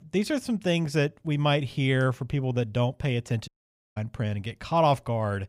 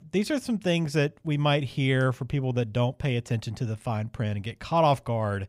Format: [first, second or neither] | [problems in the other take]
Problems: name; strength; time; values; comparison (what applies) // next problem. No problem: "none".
second | audio cutting out; at 3.5 s